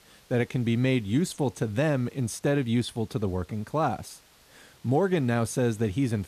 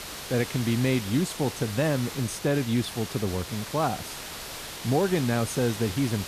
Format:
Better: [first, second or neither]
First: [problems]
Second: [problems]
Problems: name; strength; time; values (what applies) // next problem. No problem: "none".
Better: first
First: hiss; faint; throughout; 30 dB below the speech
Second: hiss; loud; throughout; 9 dB below the speech